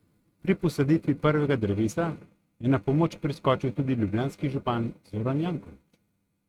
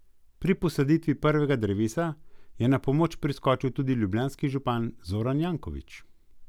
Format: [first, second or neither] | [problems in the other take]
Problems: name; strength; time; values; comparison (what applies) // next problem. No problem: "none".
second | noise reduction (neural mask model RNNoise)